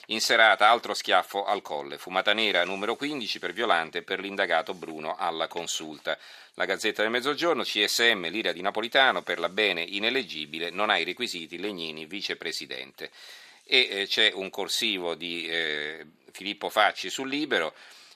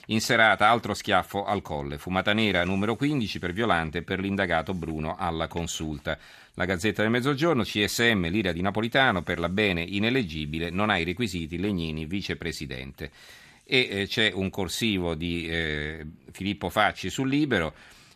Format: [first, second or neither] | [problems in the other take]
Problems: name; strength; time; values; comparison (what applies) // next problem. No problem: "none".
second | thin; somewhat; fading below 450 Hz